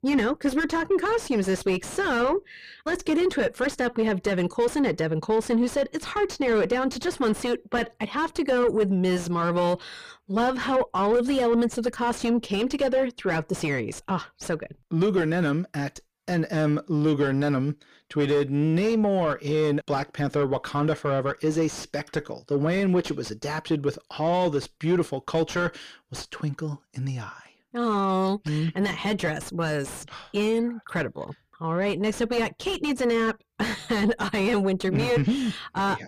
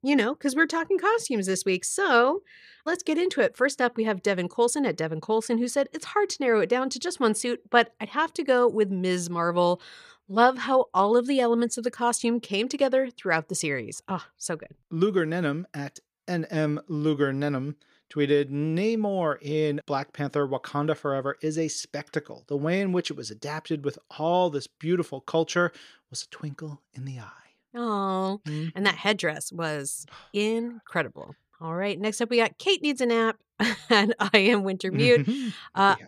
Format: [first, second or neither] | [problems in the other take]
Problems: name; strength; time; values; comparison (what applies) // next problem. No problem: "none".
second | distortion; heavy; 5 dB below the speech